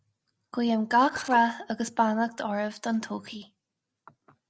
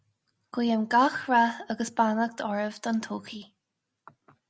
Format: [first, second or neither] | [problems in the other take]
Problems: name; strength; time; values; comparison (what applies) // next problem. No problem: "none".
second | noise reduction (neural separator model SepFormer DNS4)